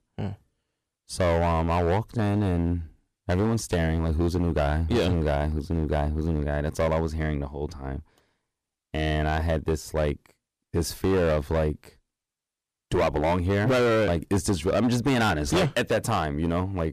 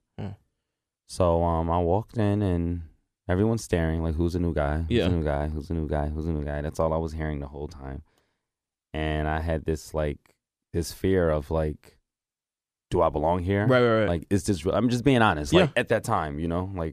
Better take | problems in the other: second | distortion; heavy; 11% of the sound clipped

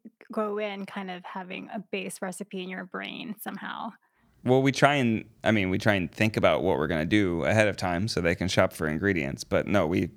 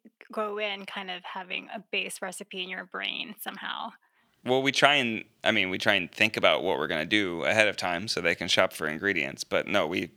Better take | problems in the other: first | thin; very slightly; fading below 500 Hz

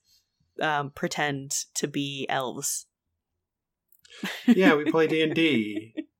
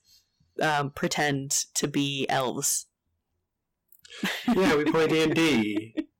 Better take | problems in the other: first | distortion; heavy; 10% of the sound clipped

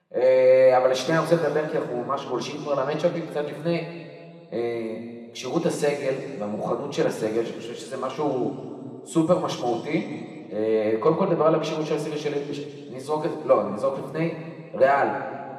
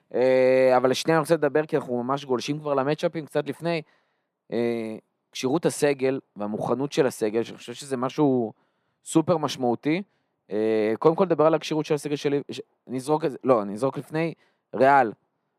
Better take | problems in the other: second | room echo; noticeable; dies away in 2.1 s // off-mic speech; somewhat distant

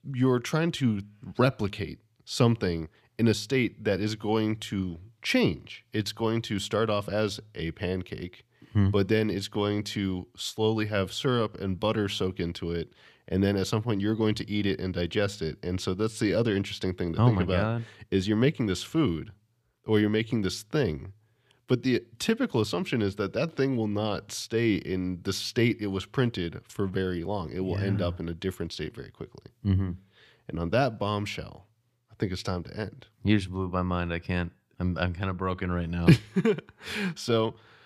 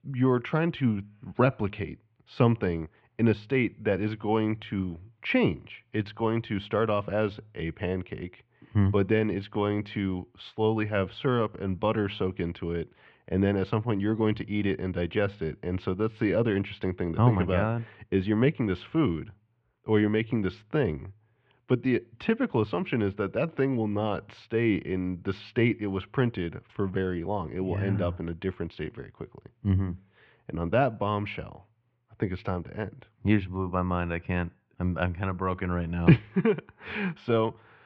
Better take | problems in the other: first | muffled; very; fading above 2.5 kHz

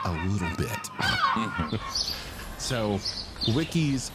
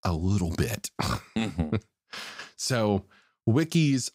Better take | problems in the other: second | animal sounds; loud; throughout; as loud as the speech

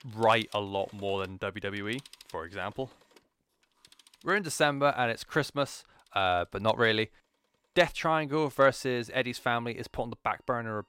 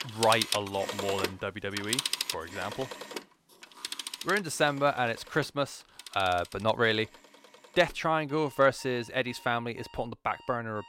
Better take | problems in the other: first | alarms or sirens; loud; throughout; 5 dB below the speech; faint in the first

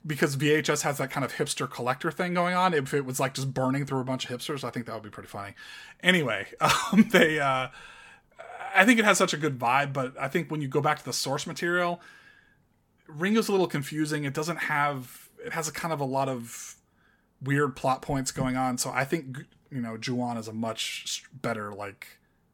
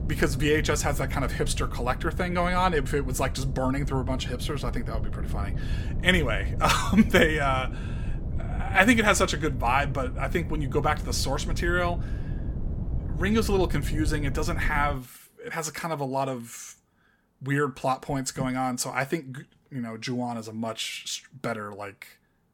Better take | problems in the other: first | wind noise on the microphone; occasional gusts; until 15 s; 20 dB below the speech

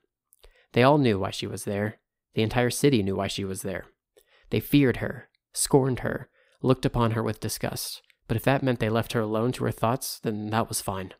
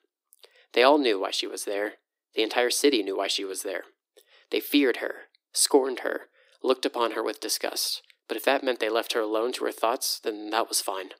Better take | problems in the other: first | thin; somewhat; fading below 300 Hz

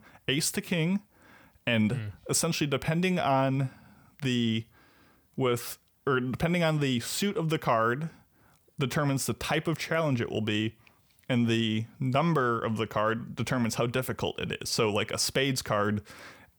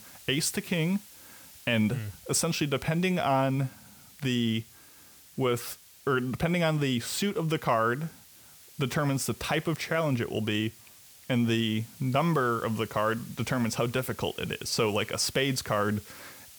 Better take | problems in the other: first | hiss; faint; throughout; 20 dB below the speech

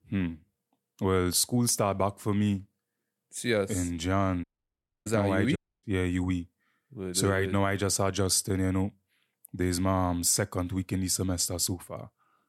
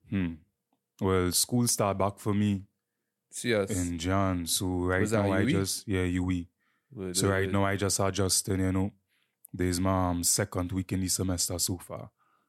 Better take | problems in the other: second | audio cutting out; at 4.5 s for 0.5 s and at 5.5 s

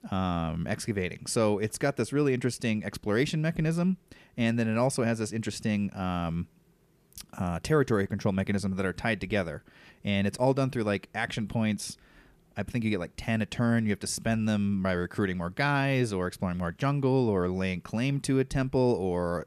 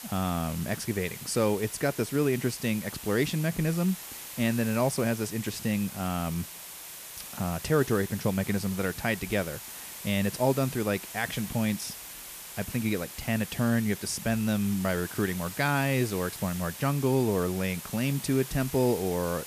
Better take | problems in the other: first | hiss; noticeable; throughout; 10 dB below the speech

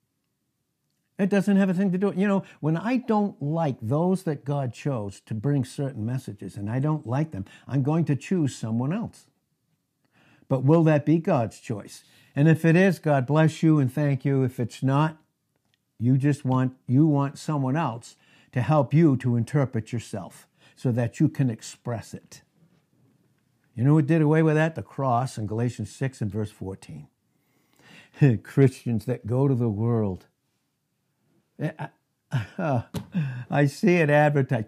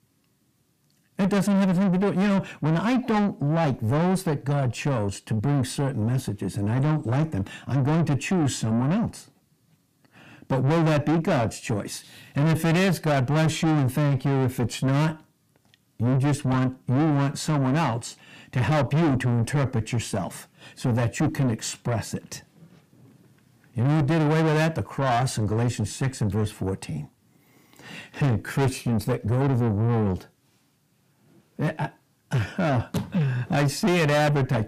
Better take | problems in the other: first | distortion; heavy; 6 dB below the speech

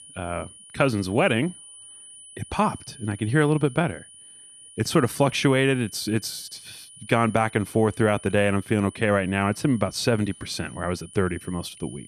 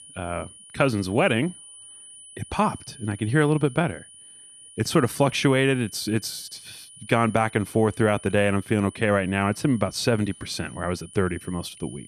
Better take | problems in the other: neither | high-pitched whine; noticeable; throughout; 9.5 kHz, 20 dB below the speech; the same in both

